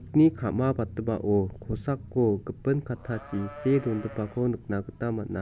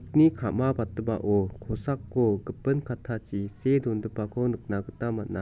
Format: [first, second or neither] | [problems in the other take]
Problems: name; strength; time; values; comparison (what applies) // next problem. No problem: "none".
second | background sound (Livestock, farm animals, working animals); 17 dB below the speech